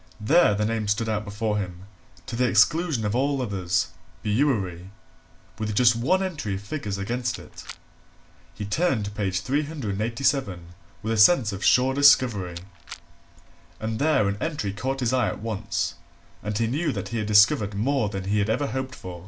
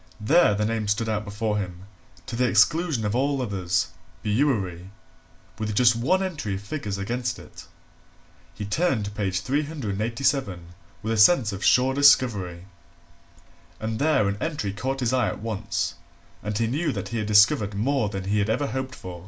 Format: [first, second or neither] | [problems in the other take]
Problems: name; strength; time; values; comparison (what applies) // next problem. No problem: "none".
second | background sound (Rattle); 18 dB below the speech